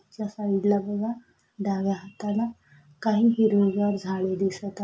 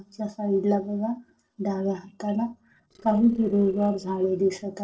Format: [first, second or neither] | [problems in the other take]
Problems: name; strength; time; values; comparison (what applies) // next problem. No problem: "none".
first | noise reduction (neural separator model SepFormer DNS4)